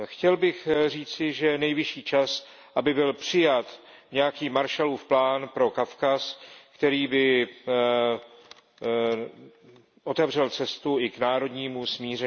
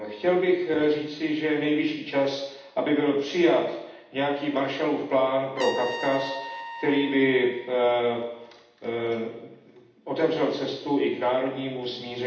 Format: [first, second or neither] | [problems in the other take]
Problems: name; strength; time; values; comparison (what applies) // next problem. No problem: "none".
first | background sound (Trumpet); 18 dB below the speech // room echo; dies away in 0.8 s